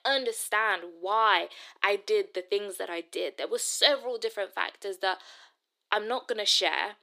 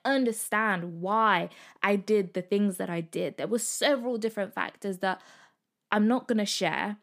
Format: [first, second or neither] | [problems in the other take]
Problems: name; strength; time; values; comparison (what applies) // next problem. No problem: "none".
second | thin; very; fading below 350 Hz